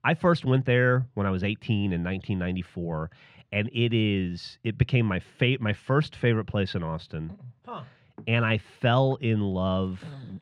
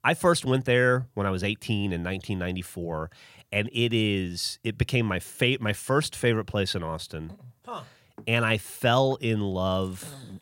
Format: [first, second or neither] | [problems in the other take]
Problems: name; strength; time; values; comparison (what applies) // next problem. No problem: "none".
second | muffled; slightly; fading above 2.5 kHz